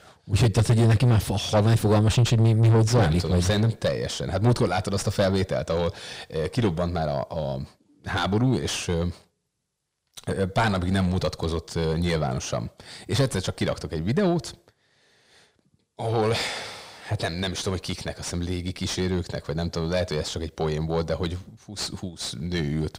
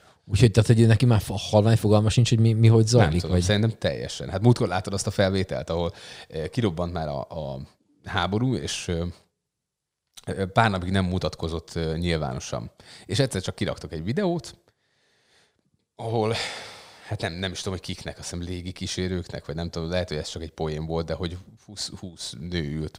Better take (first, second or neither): second